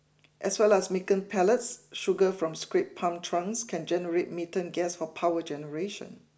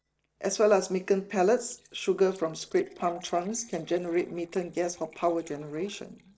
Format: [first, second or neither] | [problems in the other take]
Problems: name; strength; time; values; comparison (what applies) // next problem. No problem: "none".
first | noise reduction (neural separator model SepFormer DNS4)